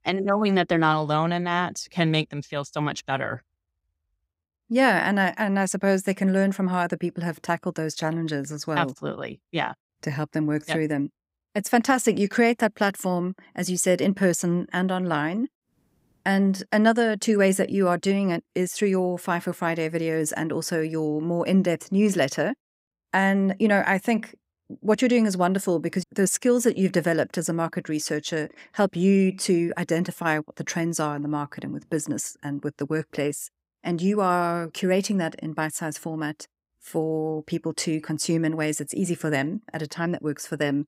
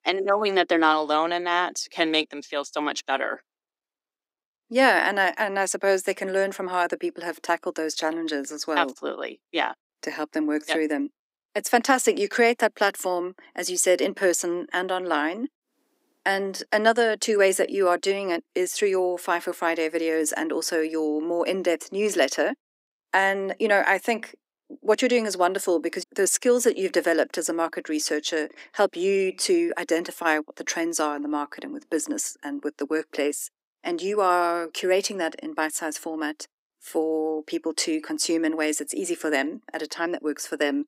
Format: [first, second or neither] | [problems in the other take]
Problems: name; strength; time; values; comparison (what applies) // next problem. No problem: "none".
first | thin; somewhat; fading below 300 Hz